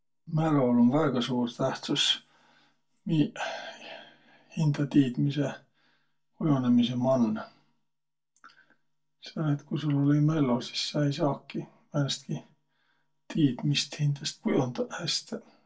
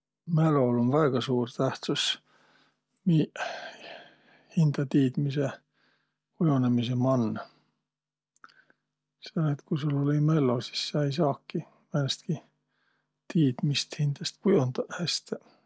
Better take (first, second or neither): second